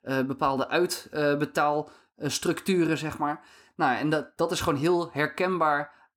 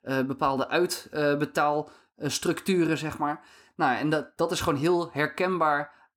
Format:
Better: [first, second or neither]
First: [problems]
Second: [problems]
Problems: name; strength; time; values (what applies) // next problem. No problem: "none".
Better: neither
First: none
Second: none